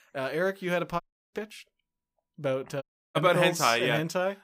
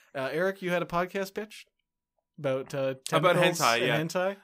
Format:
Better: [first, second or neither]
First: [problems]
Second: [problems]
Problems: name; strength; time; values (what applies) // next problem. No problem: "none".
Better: second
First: audio cutting out; at 1 s and at 3 s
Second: none